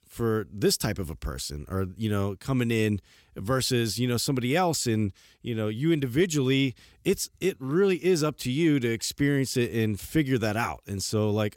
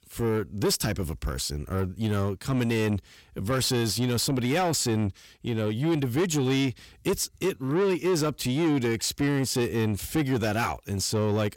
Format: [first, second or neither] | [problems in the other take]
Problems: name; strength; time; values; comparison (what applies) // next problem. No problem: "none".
first | distortion; slight; 10 dB below the speech